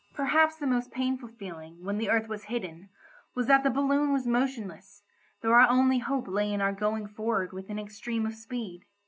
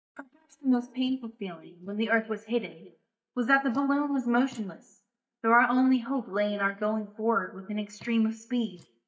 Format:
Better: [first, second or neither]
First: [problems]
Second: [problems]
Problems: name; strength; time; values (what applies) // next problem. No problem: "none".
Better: first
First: none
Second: noise reduction (neural mask model DeepFilterNet 3)